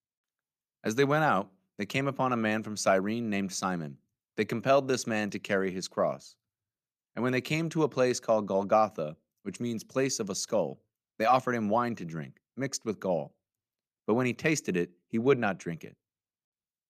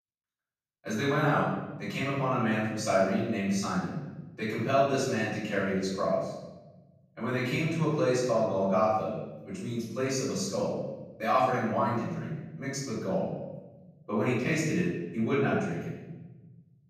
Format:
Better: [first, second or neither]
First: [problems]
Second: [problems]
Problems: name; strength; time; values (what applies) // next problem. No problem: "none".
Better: first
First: none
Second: off-mic speech; far // room echo; strong; dies away in 1.3 s